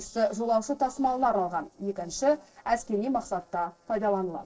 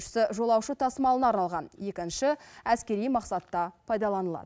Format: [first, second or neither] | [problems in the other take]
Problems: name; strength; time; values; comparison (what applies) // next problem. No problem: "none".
second | noise reduction (neural separator model SepFormer DNS4)